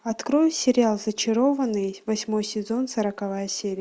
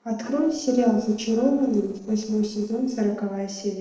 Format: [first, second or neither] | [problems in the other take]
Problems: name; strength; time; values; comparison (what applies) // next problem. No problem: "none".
first | noise reduction (neural separator model SepFormer DNS4)